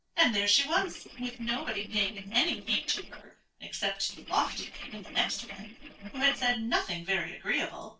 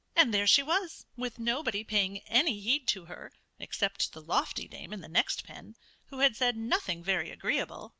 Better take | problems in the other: second | noise reduction (neural separator model SepFormer DNS4)

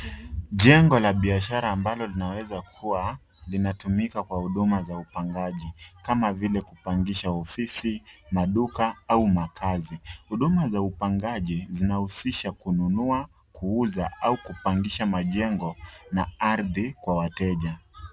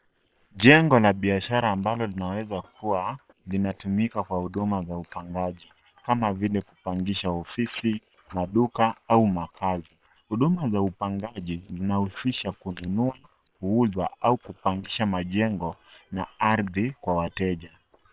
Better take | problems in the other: first | noise reduction (neural separator model SepFormer WHAM!)

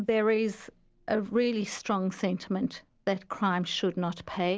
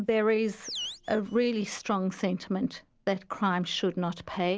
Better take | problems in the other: first | background sound (Animal); 16 dB below the speech

